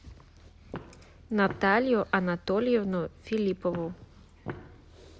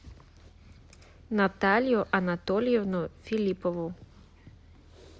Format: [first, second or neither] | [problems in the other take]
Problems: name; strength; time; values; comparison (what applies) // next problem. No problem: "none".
second | background sound (Walk, footsteps); 15 dB below the speech